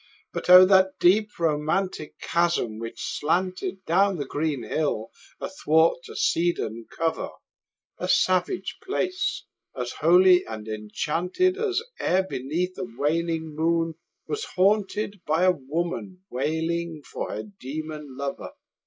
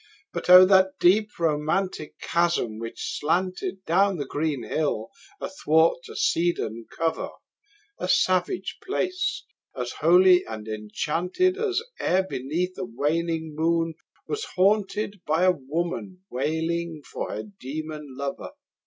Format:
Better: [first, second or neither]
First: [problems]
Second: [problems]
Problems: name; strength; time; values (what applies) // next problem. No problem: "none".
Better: second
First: noise reduction (neural mask model Resemble Enhance denoiser)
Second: none